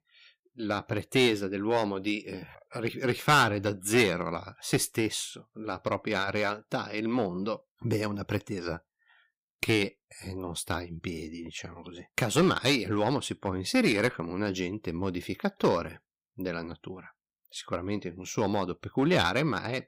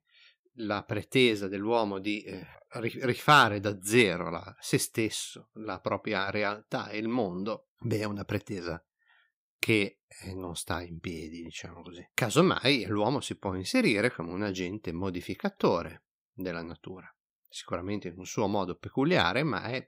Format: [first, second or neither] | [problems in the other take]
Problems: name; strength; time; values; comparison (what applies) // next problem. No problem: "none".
second | distortion; slight; 1.8% of the sound clipped